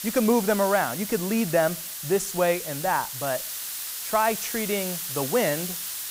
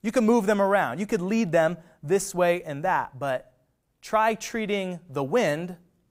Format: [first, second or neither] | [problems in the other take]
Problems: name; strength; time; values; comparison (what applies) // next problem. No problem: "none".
second | hiss; loud; throughout; 5 dB below the speech